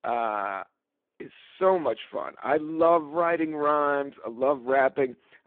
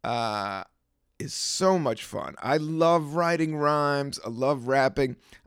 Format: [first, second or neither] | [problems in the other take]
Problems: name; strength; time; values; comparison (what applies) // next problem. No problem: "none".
second | phone-call audio; poor line; nothing above 3.5 kHz